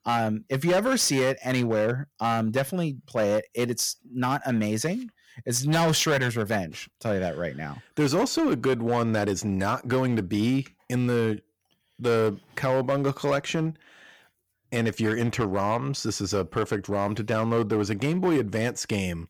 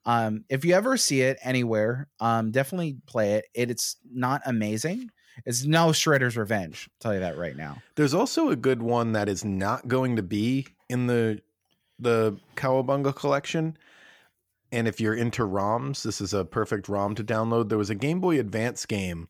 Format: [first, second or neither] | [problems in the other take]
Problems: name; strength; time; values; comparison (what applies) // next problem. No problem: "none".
second | distortion; slight; 7% of the sound clipped